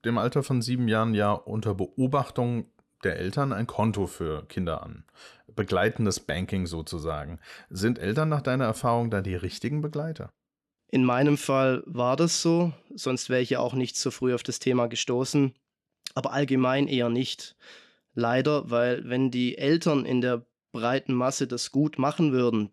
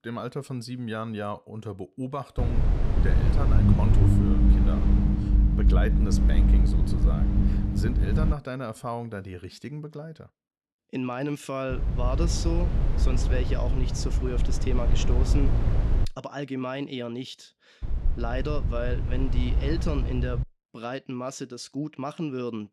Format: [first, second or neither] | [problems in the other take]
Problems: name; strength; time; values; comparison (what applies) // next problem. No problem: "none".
first | low rumble; loud; from 2.5 to 8.5 s, from 12 to 16 s and from 18 to 20 s; 2 dB below the speech